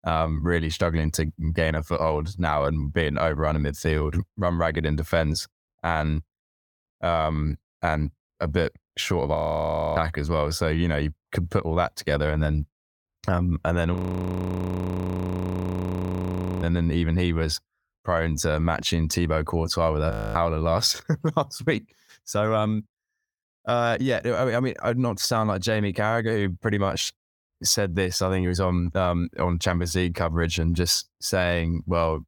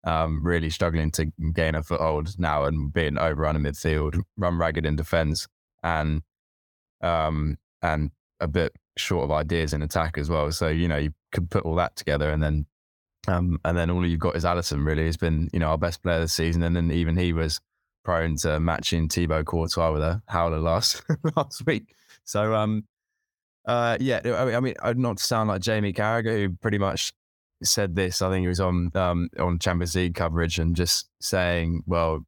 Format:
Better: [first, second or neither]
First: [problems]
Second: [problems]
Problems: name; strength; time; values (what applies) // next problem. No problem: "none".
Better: second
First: audio freezing; at 9.5 s for 0.5 s, at 14 s for 2.5 s and at 20 s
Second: none